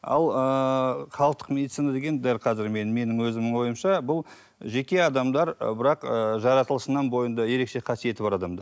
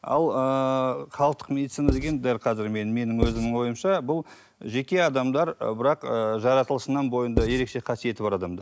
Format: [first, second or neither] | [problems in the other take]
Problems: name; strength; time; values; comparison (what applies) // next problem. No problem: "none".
first | background sound (Writing); 3 dB below the speech